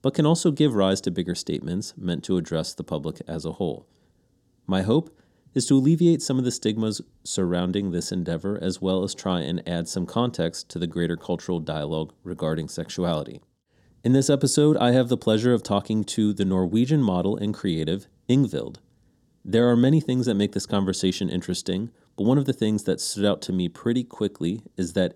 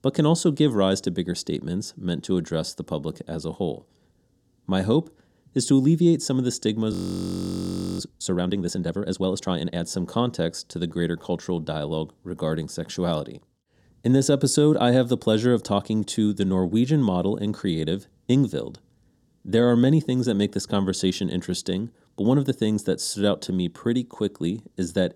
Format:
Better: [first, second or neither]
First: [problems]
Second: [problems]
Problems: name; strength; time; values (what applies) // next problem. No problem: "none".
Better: first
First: none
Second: audio freezing; at 7 s for 1 s